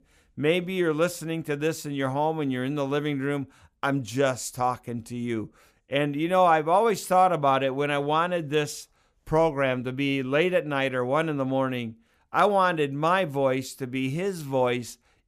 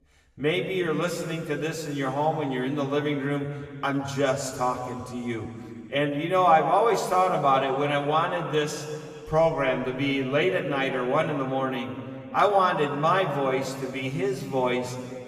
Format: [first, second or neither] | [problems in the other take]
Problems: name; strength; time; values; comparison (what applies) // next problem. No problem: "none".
first | room echo; slight; dies away in 2.3 s // off-mic speech; somewhat distant